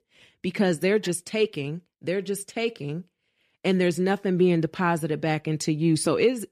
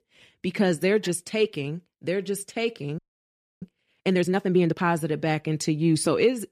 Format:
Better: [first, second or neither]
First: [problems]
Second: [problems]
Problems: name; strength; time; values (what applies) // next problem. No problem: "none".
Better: first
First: none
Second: audio freezing; at 3 s for 0.5 s